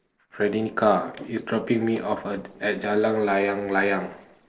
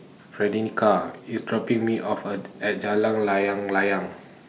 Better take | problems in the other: second | noise reduction (neural separator model SepFormer DNS4)

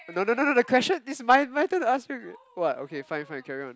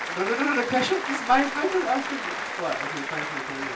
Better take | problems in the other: first | background sound (Applause); 5 dB below the speech // room echo; dies away in 0.2 s

